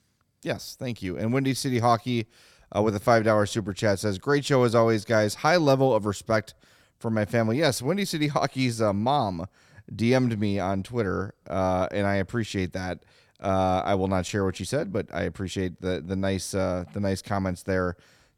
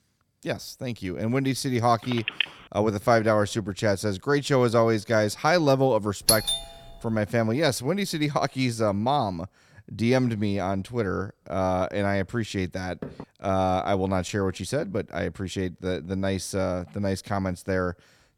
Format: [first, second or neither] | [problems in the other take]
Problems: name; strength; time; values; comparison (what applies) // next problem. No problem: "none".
first | phone ringing; noticeable; at 2 s; peak 2 dB below the speech // doorbell; loud; at 6.5 s; peak 4 dB above the speech // door banging; faint; at 13 s; peak 15 dB below the speech